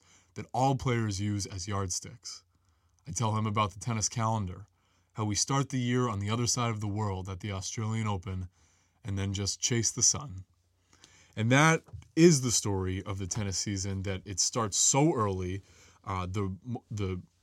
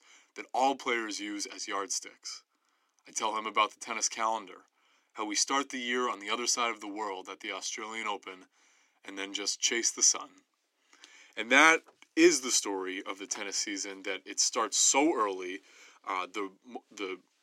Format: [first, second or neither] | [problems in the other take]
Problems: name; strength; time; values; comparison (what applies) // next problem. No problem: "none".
first | thin; very; fading below 300 Hz